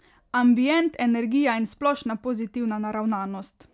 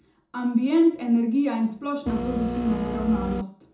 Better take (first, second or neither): first